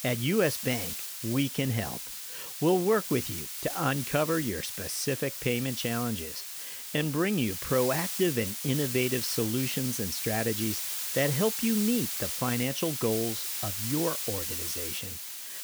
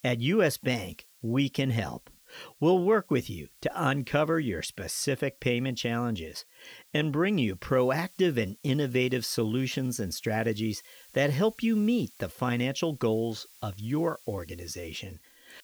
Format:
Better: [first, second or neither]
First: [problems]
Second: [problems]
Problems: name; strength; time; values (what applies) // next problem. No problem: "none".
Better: second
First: hiss; loud; throughout; 3 dB below the speech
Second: hiss; faint; throughout; 25 dB below the speech